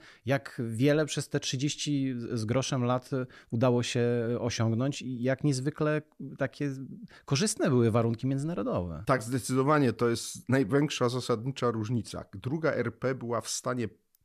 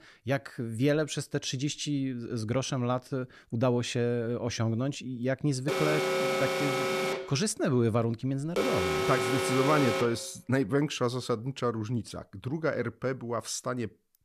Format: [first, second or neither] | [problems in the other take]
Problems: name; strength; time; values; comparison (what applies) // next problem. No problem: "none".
first | alarm; loud; from 5.5 to 10 s; peak 3 dB above the speech